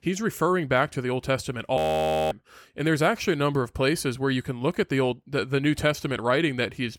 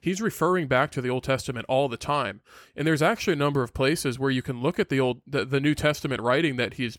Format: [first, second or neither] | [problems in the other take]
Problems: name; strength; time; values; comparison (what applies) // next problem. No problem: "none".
second | audio freezing; at 2 s for 0.5 s